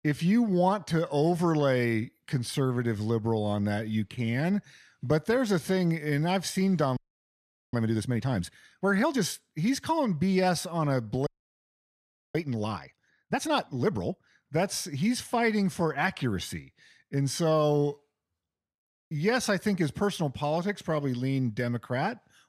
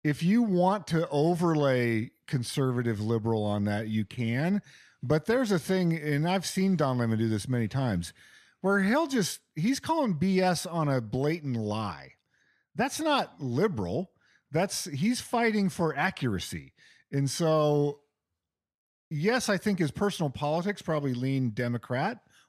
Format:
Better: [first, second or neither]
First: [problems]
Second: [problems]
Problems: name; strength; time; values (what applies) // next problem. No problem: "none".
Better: second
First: audio freezing; at 7 s for 1 s and at 11 s for 1 s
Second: none